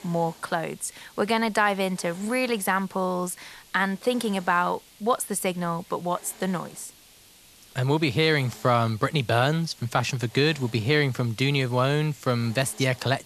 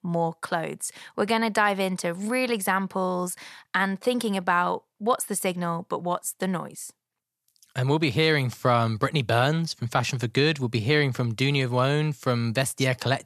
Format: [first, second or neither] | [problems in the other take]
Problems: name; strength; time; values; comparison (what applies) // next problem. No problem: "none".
second | hiss; faint; throughout; 25 dB below the speech